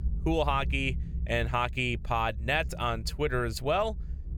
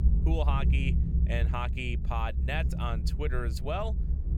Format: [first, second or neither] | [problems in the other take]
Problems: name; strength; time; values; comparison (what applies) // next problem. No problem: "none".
first | low rumble; loud; throughout; 10 dB below the speech; faint in the first